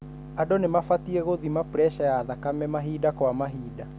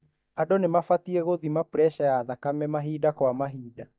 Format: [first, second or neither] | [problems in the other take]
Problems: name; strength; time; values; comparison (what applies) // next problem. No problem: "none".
first | noise reduction (neural mask model DeepFilterNet 3)